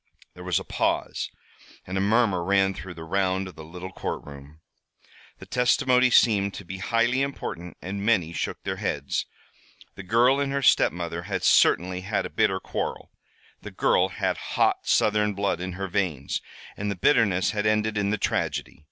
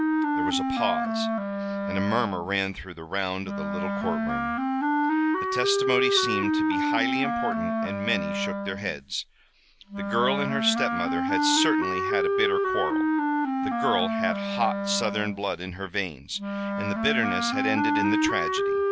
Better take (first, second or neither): first